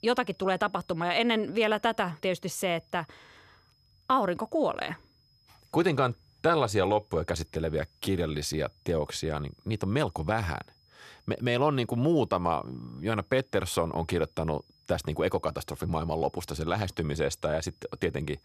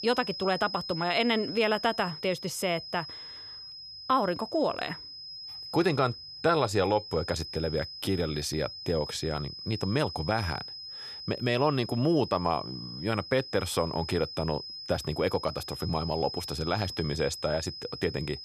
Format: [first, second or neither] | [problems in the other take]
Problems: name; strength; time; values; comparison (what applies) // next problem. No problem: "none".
first | high-pitched whine; loud; throughout; 5 kHz, 9 dB below the speech; faint in the first